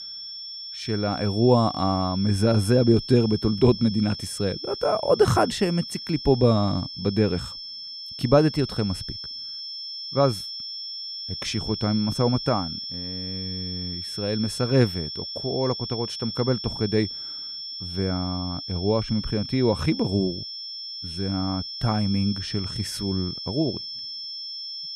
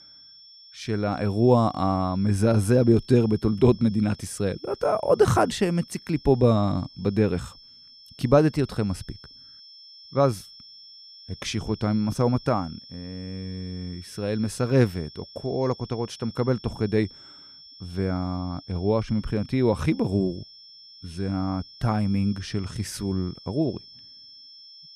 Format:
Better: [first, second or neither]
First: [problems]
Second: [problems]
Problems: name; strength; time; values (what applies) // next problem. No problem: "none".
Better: second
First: high-pitched whine; loud; throughout; 5.5 kHz, 8 dB below the speech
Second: high-pitched whine; faint; throughout; 5.5 kHz, 20 dB below the speech